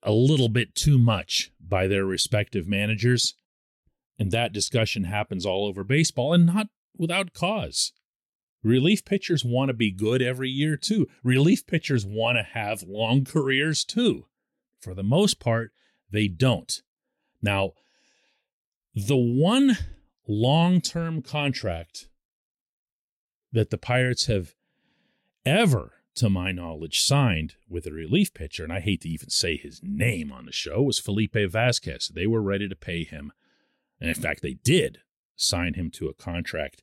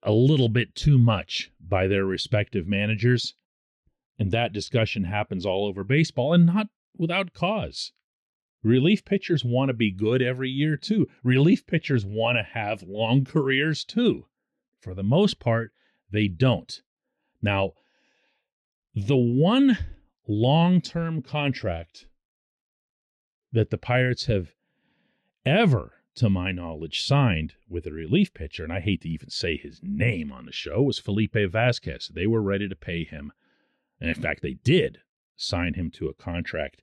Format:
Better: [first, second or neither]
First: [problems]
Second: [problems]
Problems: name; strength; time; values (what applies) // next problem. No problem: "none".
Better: first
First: none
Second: muffled; slightly; fading above 3 kHz